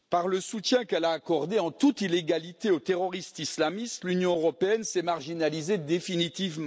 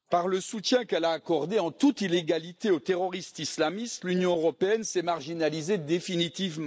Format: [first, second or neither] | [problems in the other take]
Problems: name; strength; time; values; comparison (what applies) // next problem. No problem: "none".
first | noise reduction (neural mask model Resemble Enhance denoiser)